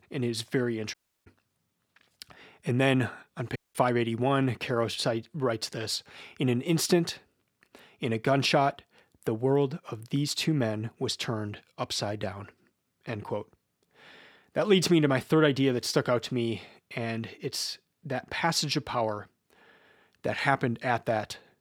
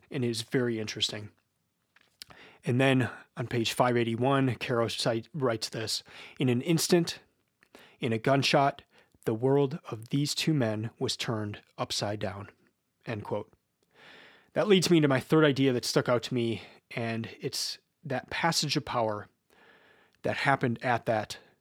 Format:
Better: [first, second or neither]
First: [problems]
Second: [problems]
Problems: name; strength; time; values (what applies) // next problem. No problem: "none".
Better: second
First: audio cutting out; at 1 s and at 3.5 s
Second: none